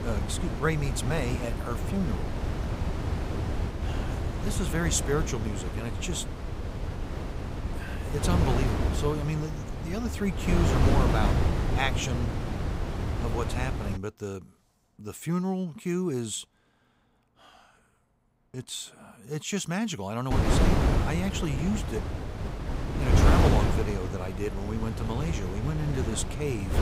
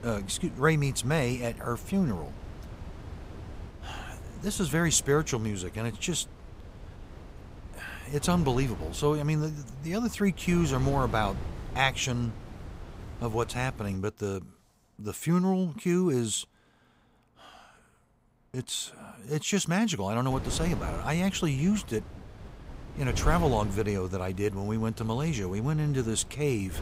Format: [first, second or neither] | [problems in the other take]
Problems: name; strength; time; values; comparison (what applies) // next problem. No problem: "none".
second | wind noise on the microphone; heavy; until 14 s and from 20 s on; 1 dB below the speech; occasional gusts in the second